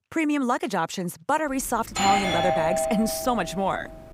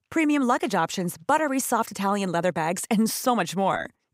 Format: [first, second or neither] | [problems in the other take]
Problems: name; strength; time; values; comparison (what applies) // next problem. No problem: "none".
second | doorbell; loud; from 1.5 s on; peak 4 dB above the speech